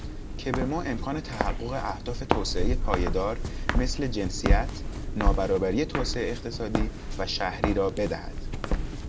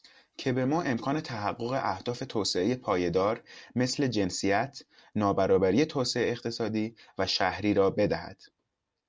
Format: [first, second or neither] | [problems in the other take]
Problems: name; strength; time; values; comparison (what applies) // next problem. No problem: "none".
second | background sound (Walk, footsteps); 2 dB above the speech